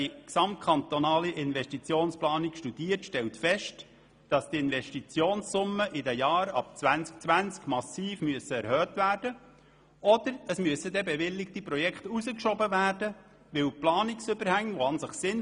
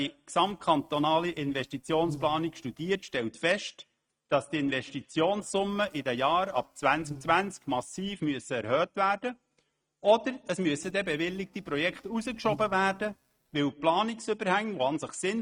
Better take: first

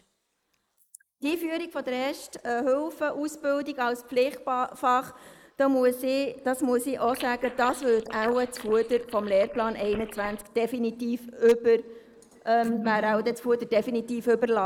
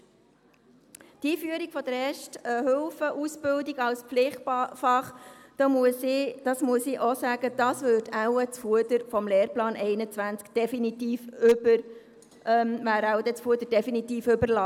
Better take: second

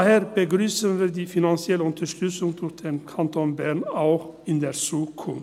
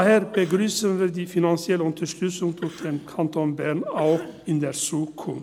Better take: first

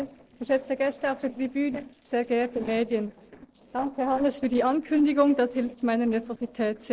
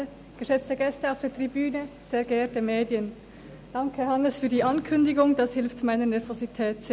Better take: second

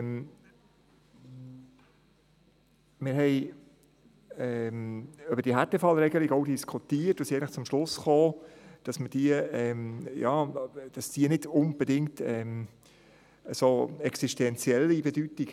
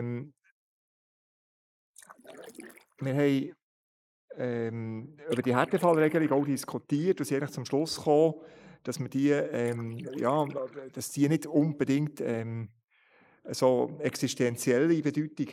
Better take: first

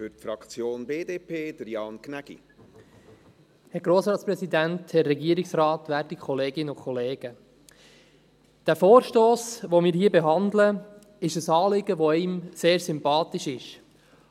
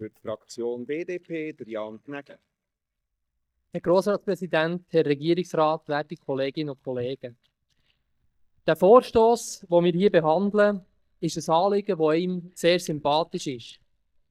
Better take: first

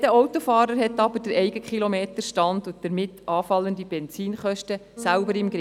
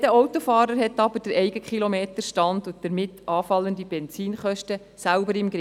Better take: second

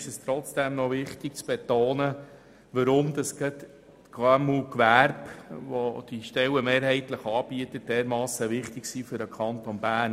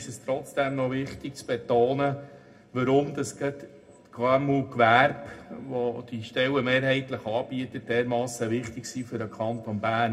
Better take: first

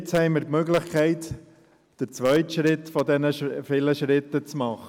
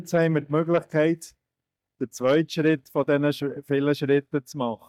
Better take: first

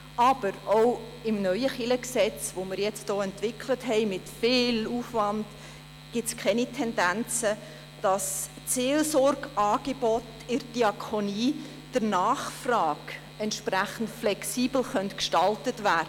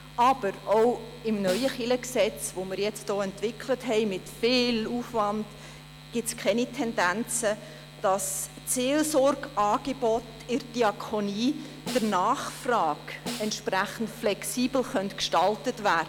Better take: first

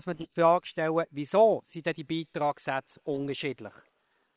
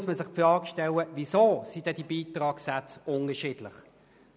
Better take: second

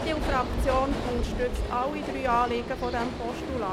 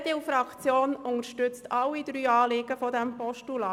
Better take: second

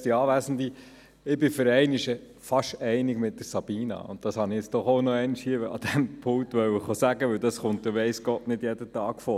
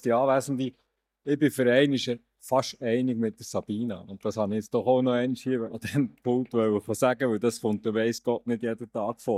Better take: first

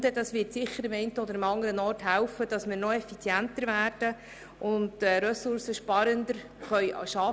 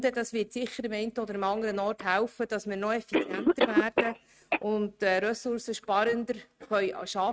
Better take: first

